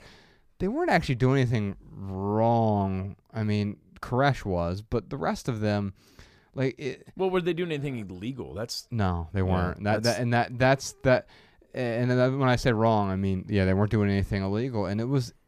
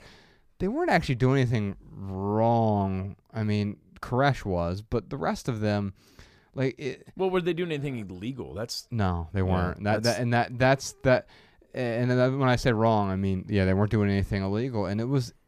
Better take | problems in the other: neither | none

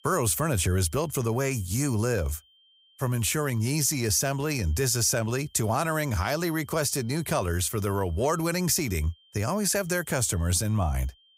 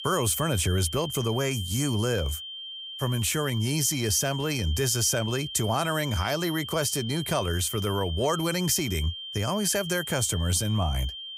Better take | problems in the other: first | high-pitched whine; loud; throughout; 3 kHz, 9 dB below the speech; faint in the first

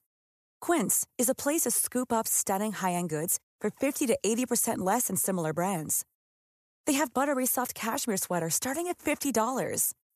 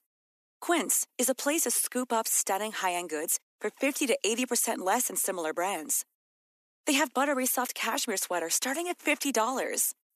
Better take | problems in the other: first | thin; very slightly; fading below 250 Hz

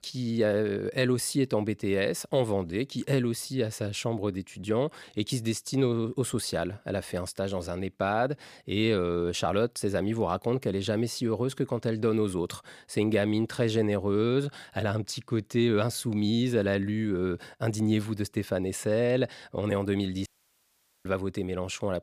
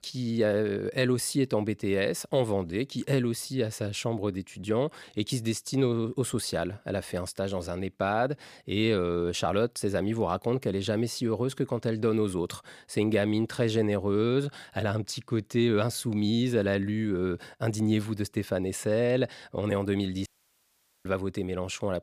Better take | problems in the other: neither | audio cutting out; at 20 s for 1 s; the same in both

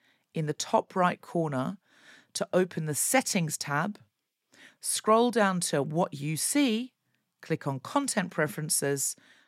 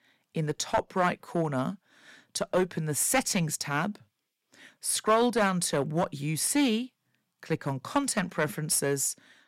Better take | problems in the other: first | distortion; slight; 2% of the sound clipped

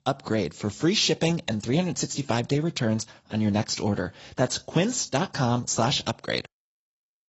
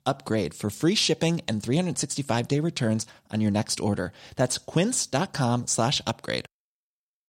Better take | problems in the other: second | garbled, watery; badly; nothing above 7.5 kHz

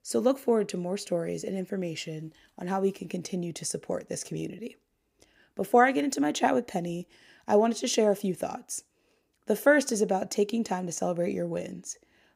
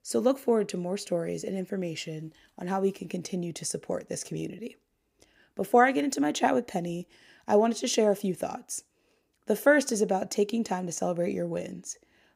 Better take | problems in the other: neither | none

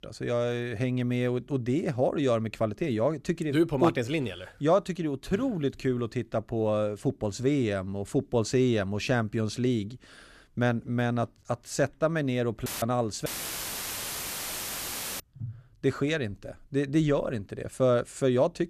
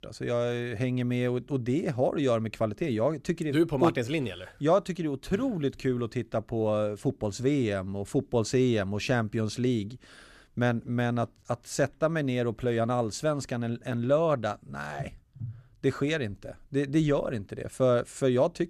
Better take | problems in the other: second | audio cutting out; filled with static; at 13 s for 2 s

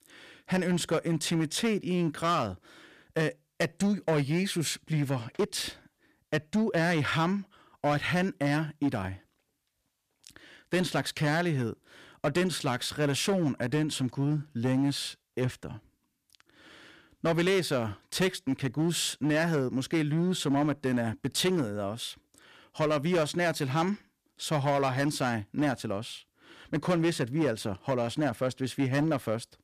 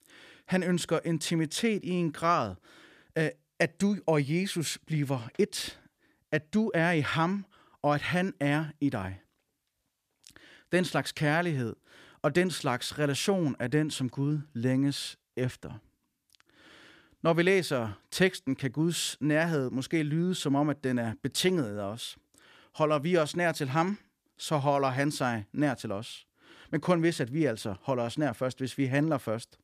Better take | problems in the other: second | distortion; slight; 7% of the sound clipped

